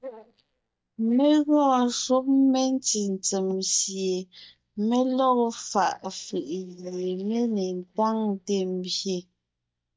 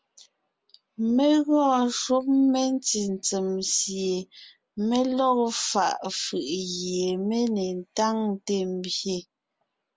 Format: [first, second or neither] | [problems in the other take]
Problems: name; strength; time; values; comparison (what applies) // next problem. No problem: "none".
second | noise reduction (neural mask model DeepFilterNet 3)